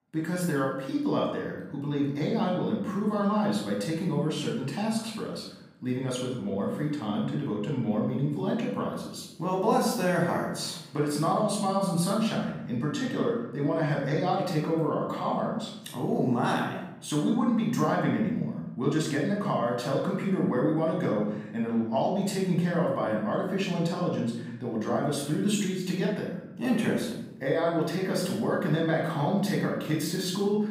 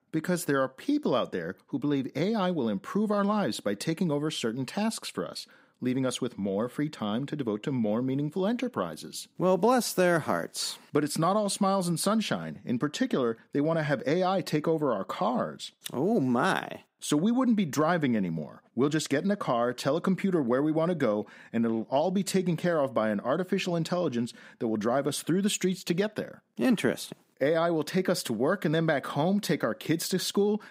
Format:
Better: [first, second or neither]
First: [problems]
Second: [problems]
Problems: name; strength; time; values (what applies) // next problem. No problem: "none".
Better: second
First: off-mic speech; far // room echo; noticeable; dies away in 0.9 s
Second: none